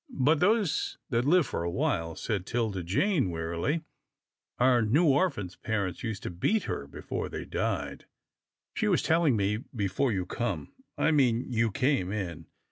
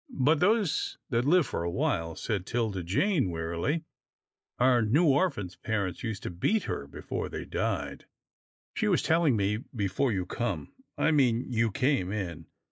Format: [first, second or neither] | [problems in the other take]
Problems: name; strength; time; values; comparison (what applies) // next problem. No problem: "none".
first | noise reduction (neural mask model Resemble Enhance denoiser)